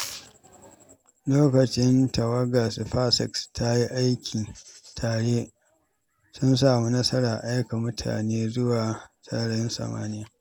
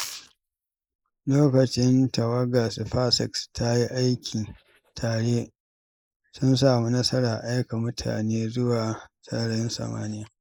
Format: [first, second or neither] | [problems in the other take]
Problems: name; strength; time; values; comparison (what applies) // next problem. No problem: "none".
first | noise reduction (neural mask model Resemble Enhance denoiser)